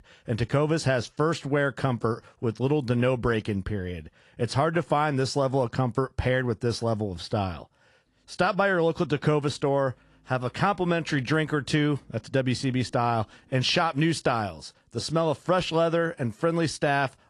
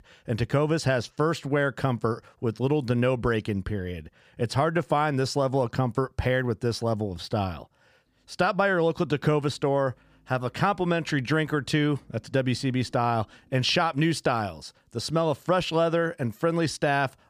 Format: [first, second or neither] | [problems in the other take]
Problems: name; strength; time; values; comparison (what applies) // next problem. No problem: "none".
second | garbled, watery; slightly